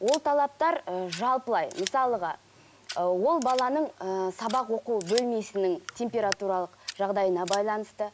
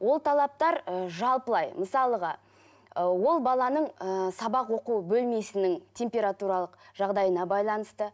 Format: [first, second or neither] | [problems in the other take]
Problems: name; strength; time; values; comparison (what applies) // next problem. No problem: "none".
second | background sound (Scissors); 15 dB below the speech